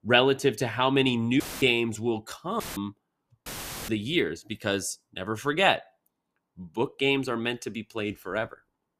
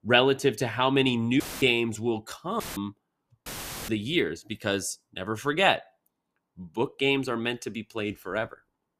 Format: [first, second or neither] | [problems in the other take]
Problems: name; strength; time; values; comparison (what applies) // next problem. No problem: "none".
neither | audio cutting out; filled with static; at 1.5 s, at 2.5 s and at 3.5 s; the same in both